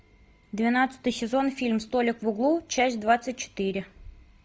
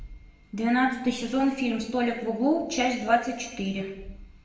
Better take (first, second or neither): first